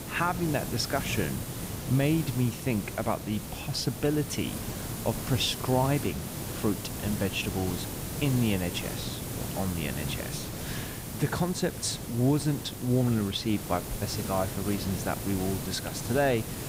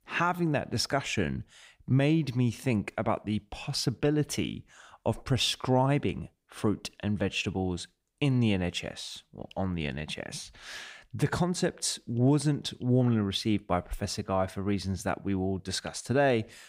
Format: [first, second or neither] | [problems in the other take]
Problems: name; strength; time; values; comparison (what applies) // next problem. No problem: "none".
second | hiss; loud; throughout; 6 dB below the speech